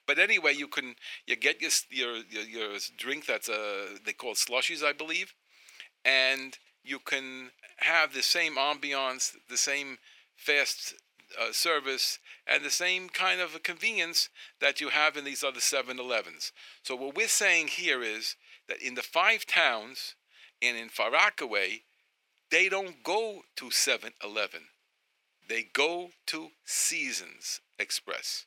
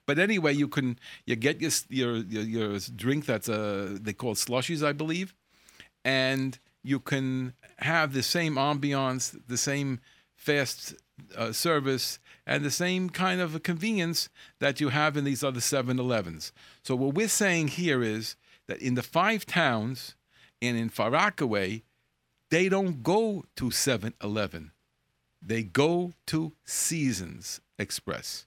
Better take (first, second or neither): second